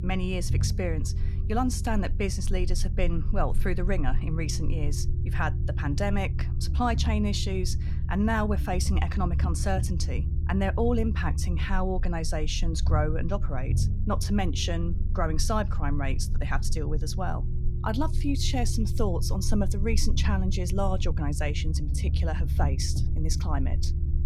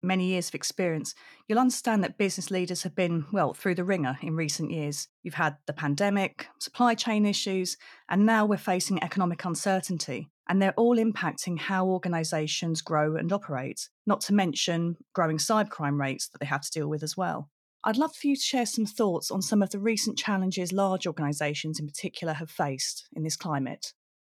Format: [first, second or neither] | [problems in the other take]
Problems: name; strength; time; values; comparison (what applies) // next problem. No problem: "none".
second | low rumble; noticeable; throughout; 10 dB below the speech